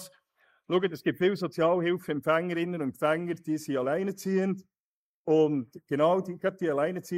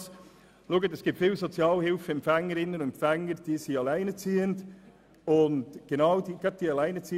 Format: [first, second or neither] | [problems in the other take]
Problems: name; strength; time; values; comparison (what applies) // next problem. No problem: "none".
second | noise reduction (neural mask model Resemble Enhance denoiser)